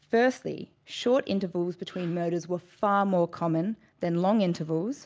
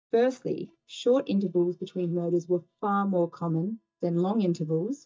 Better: first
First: none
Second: noise reduction (neural mask model DeepFilterNet 3)

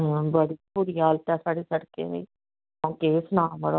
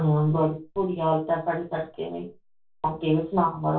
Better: first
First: none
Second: room echo; dies away in 0.2 s

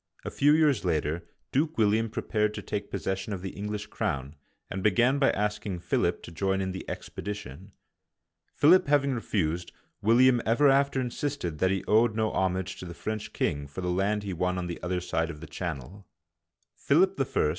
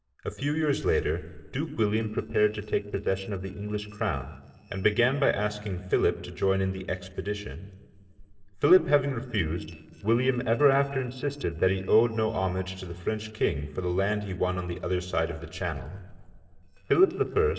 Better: first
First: none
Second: noise reduction (neural separator model SepFormer DNS4)

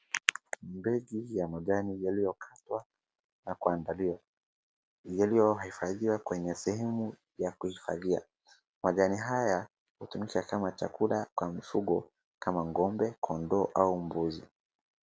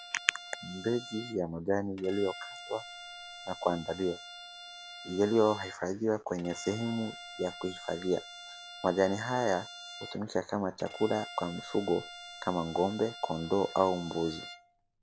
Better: first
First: none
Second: background sound (Bowed string instrument); 14 dB below the speech

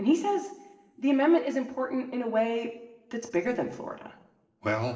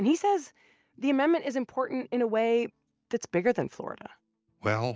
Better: second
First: noise reduction (neural separator model SepFormer DNS4)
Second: none

